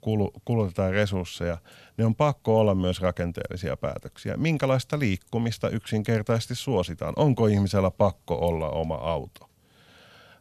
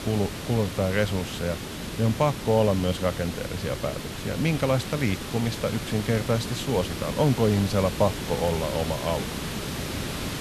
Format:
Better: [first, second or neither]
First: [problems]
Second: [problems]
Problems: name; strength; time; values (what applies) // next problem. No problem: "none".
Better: first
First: none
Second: hiss; loud; throughout; 7 dB below the speech